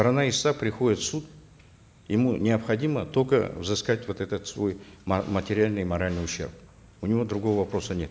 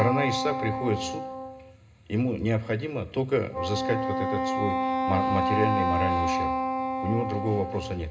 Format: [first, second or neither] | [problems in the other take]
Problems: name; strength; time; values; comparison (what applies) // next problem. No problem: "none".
first | background sound (Wind instrument, woodwind instrument); as loud as the speech // room echo; dies away in 0.2 s